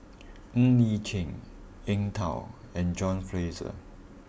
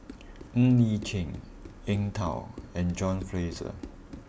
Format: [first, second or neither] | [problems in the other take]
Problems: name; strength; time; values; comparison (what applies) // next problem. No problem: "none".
first | background sound (Run); 18 dB below the speech